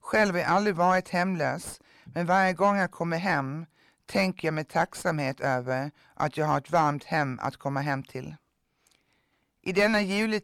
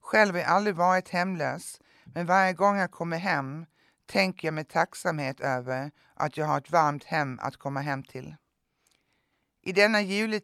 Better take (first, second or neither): second